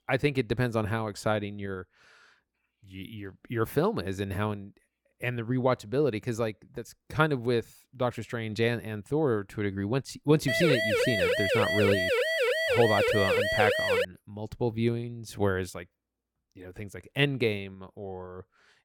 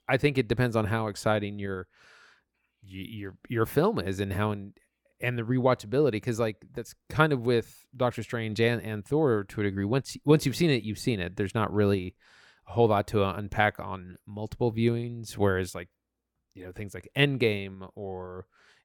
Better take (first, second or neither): second